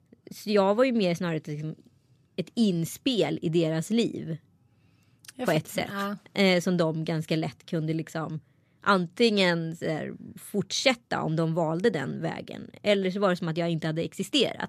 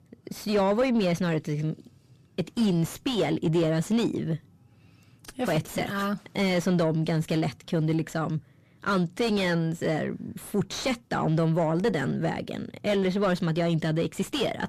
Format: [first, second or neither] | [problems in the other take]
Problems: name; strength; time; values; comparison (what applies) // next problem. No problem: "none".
first | distortion; heavy; 7 dB below the speech